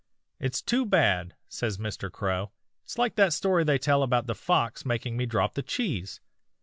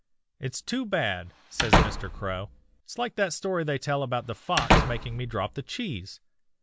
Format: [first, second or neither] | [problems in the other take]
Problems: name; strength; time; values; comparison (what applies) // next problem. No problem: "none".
first | background sound (Slam / Wood); 3 dB above the speech